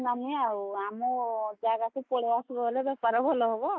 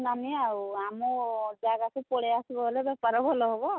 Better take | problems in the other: second | noise reduction (neural mask model Resemble Enhance denoiser)

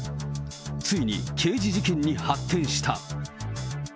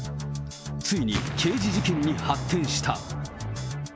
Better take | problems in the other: first | background sound (Explosion); 10 dB below the speech

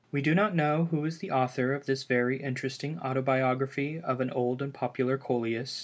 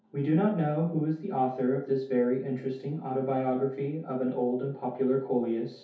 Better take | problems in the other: first | room echo; dies away in 0.5 s

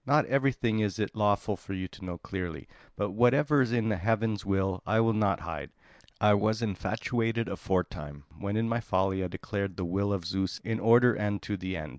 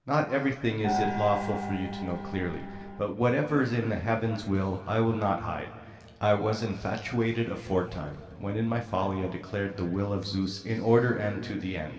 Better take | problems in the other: first | background sound (Gong); 4 dB below the speech // room echo; dies away in 2.2 s

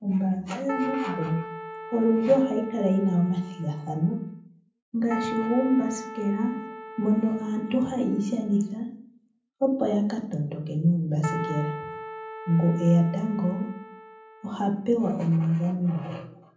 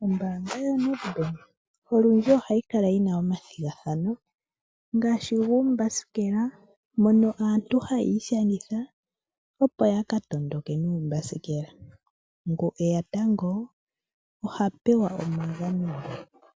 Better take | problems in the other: second | background sound (Keyboard (musical)); 12 dB below the speech // room echo; dies away in 0.6 s

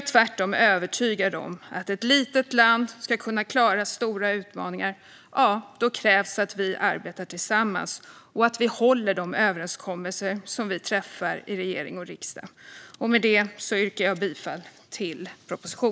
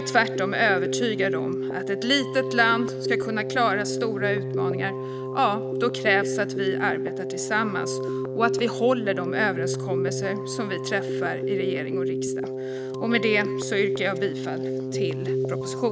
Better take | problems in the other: first | background sound (Keyboard (musical)); 1 dB below the speech

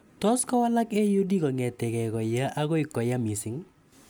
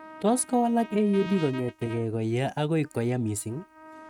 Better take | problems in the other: first | noise reduction (neural mask model RNNoise)

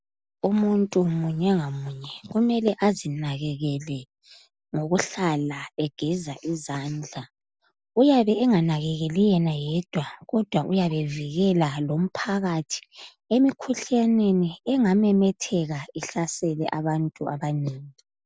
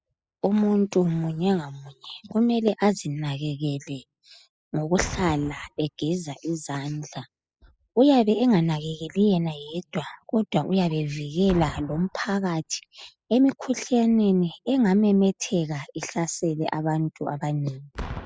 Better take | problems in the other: first | noise reduction (classical method spectral subtraction)

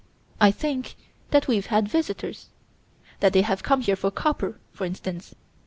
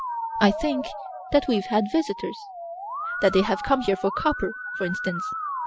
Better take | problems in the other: first | noise reduction (classical method spectral subtraction)

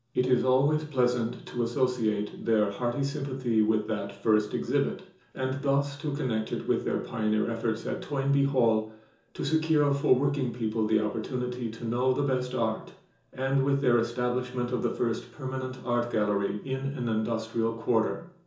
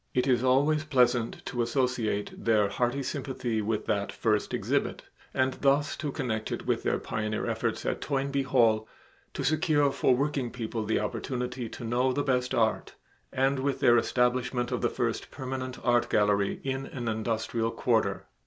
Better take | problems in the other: second | room echo; dies away in 0.7 s

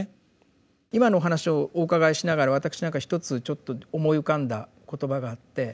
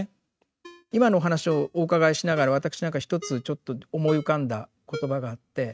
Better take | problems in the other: first | noise reduction (neural mask model RNNoise)

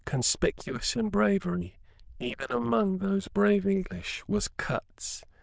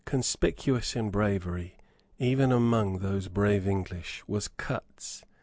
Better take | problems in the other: second | noise reduction (neural diffusion model UNIVERSE++)

